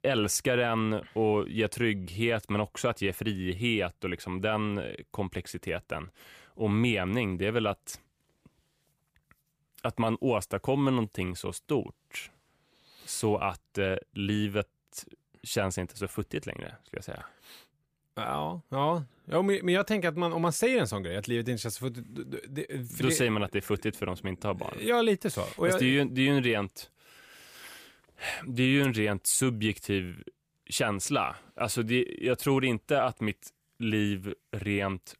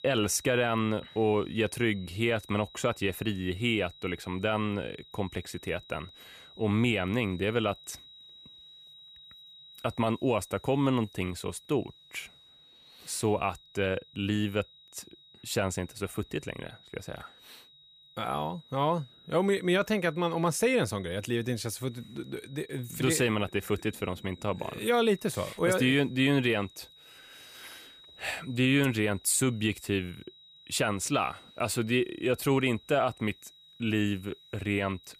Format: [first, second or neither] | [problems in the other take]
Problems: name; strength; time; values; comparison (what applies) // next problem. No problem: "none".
first | high-pitched whine; faint; throughout; 4 kHz, 25 dB below the speech